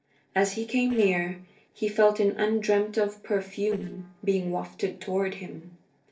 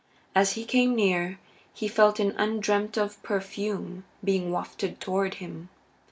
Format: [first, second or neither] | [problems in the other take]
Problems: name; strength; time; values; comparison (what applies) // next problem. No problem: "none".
second | noise reduction (neural separator model SepFormer DNS4)